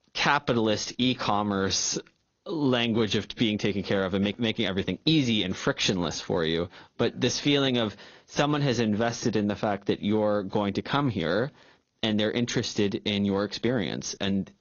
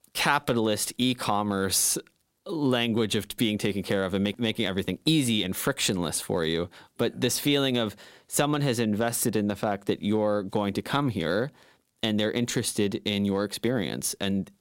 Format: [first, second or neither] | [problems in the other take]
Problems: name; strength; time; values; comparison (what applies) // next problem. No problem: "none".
second | garbled, watery; slightly; nothing above 6.5 kHz